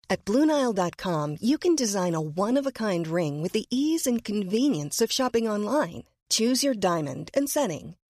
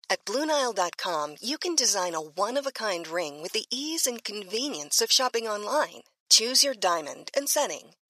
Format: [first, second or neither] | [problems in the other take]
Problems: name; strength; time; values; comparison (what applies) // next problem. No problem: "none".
first | thin; somewhat; fading below 650 Hz